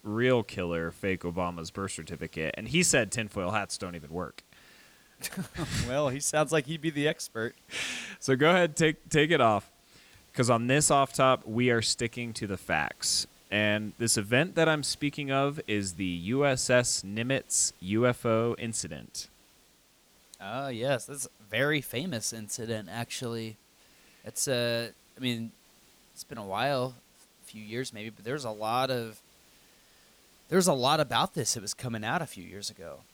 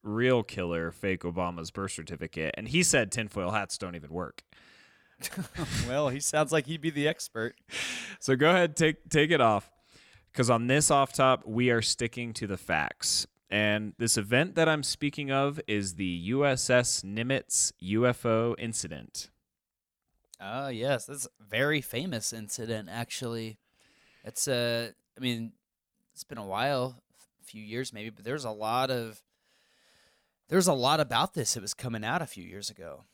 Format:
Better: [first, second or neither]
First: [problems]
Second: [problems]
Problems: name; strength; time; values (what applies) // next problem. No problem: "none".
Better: second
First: hiss; faint; throughout; 30 dB below the speech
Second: none